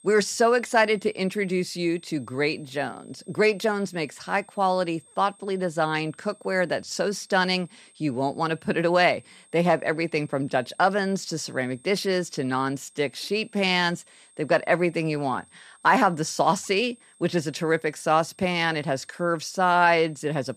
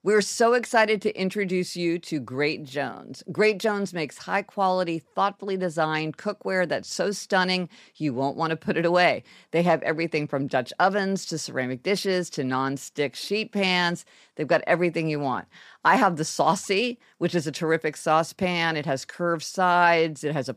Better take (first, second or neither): second